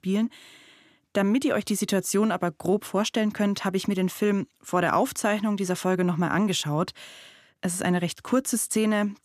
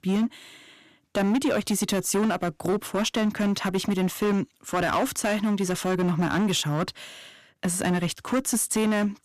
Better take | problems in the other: first | distortion; slight; 12% of the sound clipped

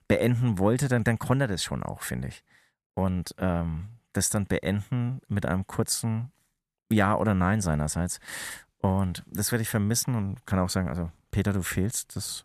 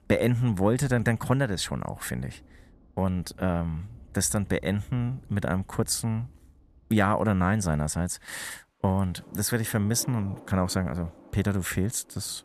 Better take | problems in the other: first | rain or running water; faint; throughout; 25 dB below the speech

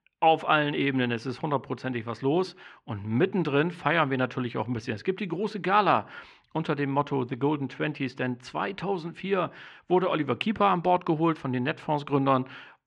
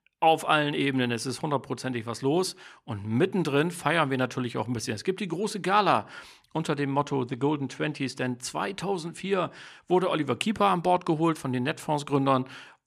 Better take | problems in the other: second | muffled; slightly; fading above 2.5 kHz

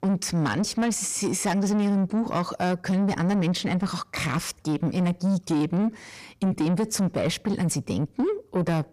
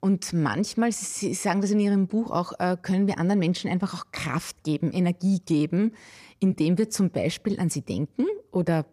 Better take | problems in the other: second | distortion; slight; 10 dB below the speech

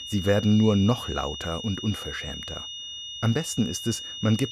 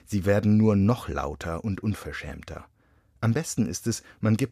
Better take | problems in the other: second | high-pitched whine; loud; throughout; 3 kHz, 9 dB below the speech

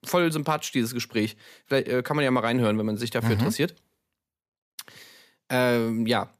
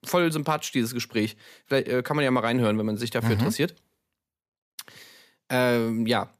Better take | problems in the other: neither | none

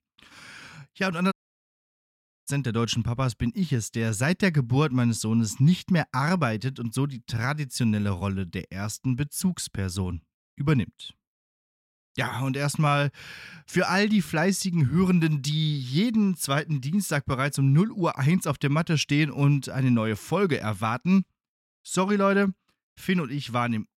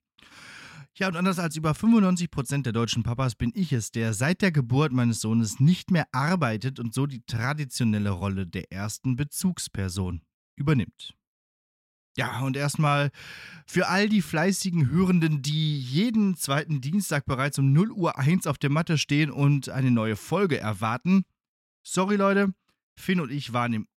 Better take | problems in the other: second | audio cutting out; at 1.5 s for 1 s

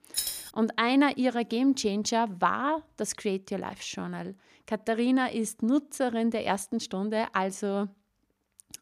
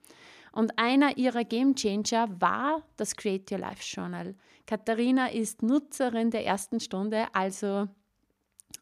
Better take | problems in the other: second | jangling keys; noticeable; at the start; peak 2 dB below the speech

